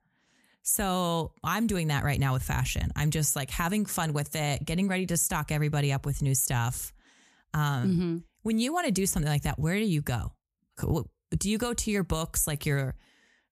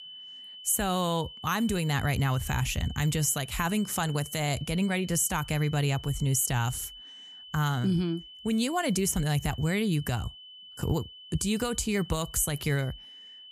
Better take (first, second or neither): first